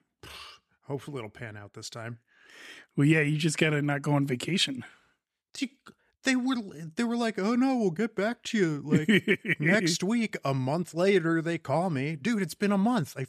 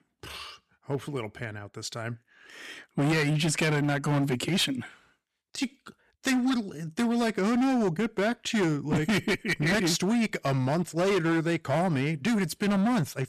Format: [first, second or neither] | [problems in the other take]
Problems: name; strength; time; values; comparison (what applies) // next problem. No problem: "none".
first | distortion; heavy; 16% of the sound clipped